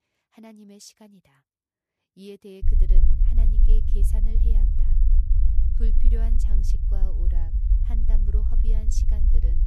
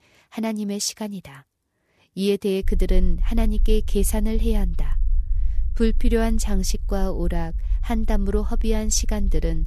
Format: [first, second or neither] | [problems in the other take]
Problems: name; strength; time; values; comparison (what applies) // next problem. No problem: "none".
second | low rumble; loud; from 2.5 s on; as loud as the speech; faint in the second